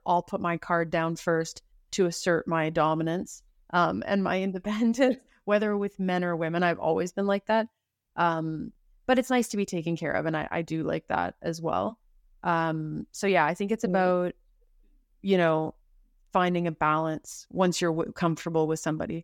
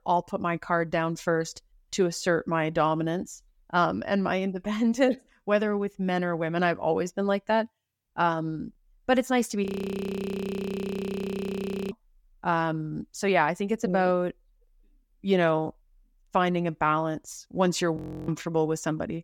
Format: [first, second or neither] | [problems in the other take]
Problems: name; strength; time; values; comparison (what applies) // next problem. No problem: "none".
first | audio freezing; at 9.5 s for 2.5 s and at 18 s